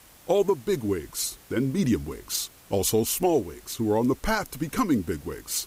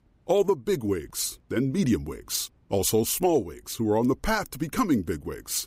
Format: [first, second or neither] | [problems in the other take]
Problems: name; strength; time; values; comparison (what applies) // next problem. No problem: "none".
second | hiss; faint; throughout; 25 dB below the speech